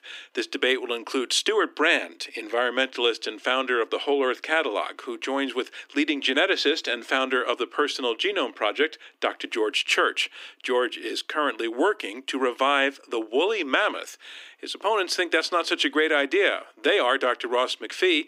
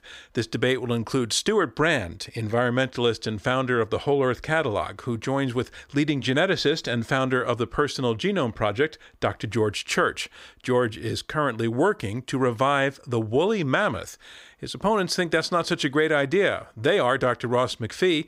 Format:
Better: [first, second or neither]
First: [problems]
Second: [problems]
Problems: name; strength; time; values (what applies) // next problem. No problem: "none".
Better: second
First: thin; very slightly; fading below 250 Hz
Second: none